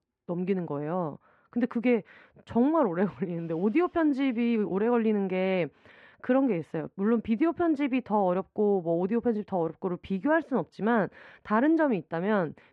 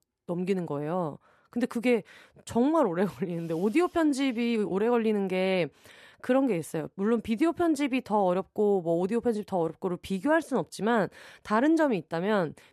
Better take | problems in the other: second | muffled; slightly; fading above 2 kHz

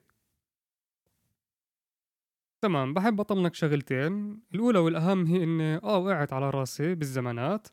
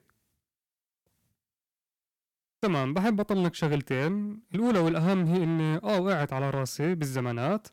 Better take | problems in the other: first | distortion; slight; 7% of the sound clipped

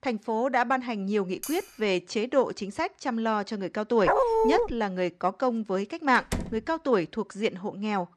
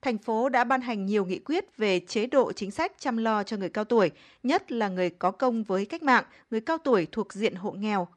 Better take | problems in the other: second | clattering dishes; faint; at 1.5 s; peak 10 dB below the speech // dog barking; loud; at 4 s; peak 5 dB above the speech // door banging; noticeable; at 6 s; peak 6 dB below the speech

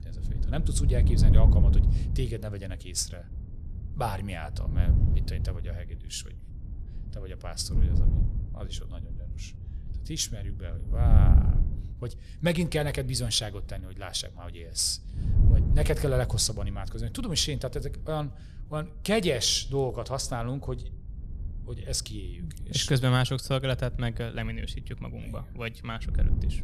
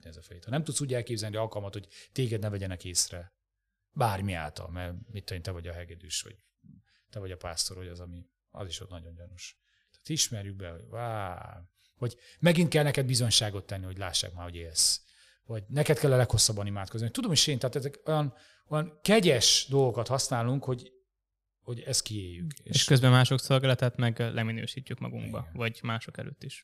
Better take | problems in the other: second | wind noise on the microphone; occasional gusts; 10 dB below the speech

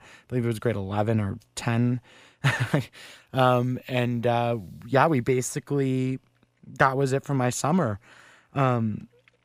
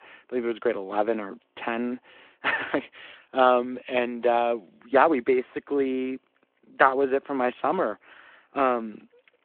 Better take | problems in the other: first | phone-call audio

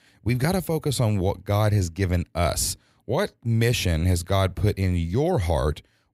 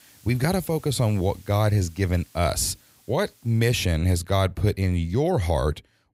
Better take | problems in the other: first | hiss; faint; until 3.5 s; 30 dB below the speech

